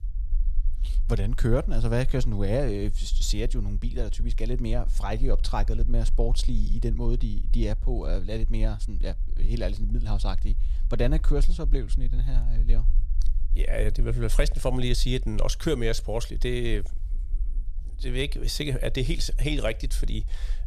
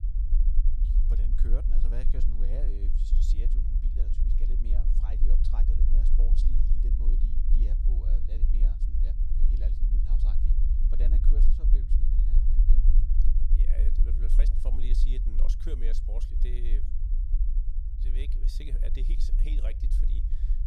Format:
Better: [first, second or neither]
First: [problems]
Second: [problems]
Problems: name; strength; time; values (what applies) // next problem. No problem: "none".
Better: first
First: low rumble; faint; throughout; 25 dB below the speech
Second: low rumble; loud; throughout; 2 dB below the speech